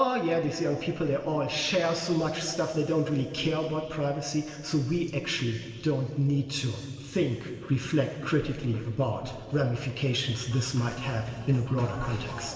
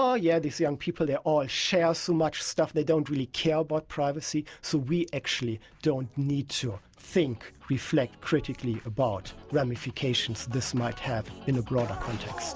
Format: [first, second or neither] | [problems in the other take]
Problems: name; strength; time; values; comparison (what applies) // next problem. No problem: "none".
second | room echo; dies away in 2.6 s